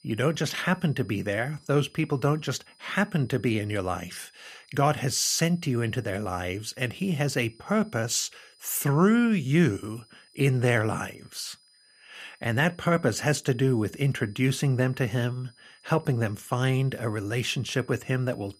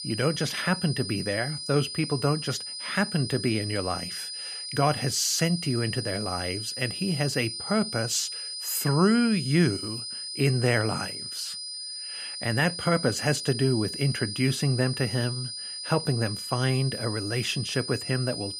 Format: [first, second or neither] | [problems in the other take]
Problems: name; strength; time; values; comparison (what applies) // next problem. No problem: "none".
first | high-pitched whine; loud; throughout; 5 kHz, 6 dB below the speech; faint in the first